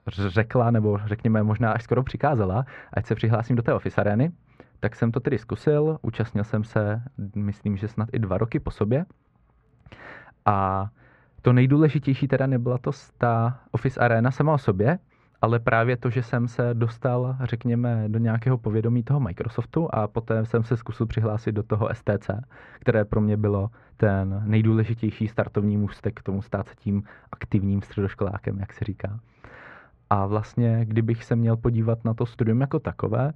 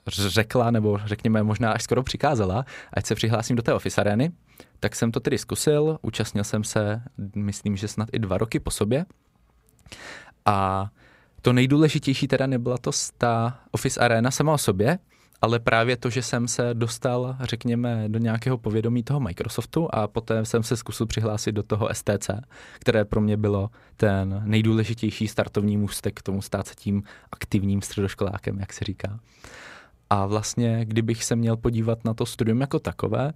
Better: second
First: muffled; very; fading above 1.5 kHz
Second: none

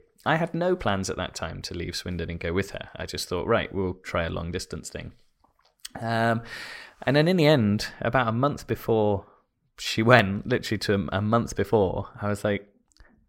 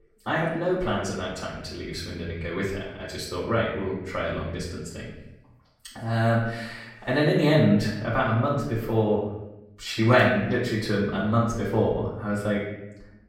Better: first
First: none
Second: off-mic speech; far // room echo; noticeable; dies away in 0.8 s

